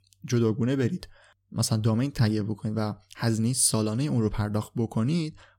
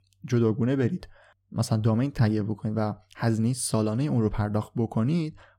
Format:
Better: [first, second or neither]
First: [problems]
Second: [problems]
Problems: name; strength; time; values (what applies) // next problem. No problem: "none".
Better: first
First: none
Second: muffled; slightly; fading above 3 kHz